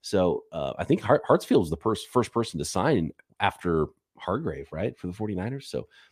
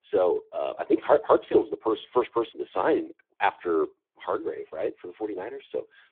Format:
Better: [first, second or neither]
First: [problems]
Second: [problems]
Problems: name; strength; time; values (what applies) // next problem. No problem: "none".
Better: first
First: none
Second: phone-call audio; poor line